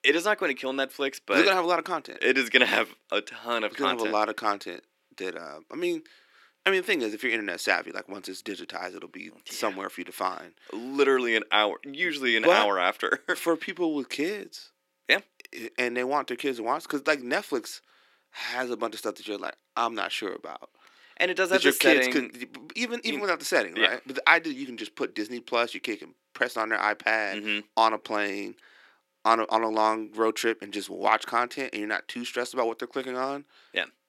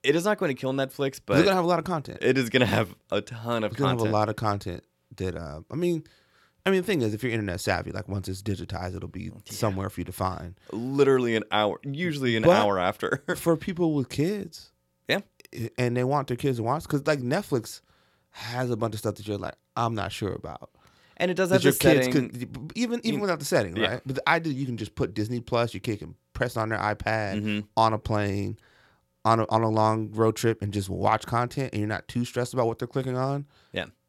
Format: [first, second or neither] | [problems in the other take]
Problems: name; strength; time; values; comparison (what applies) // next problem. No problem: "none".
second | thin; somewhat; fading below 300 Hz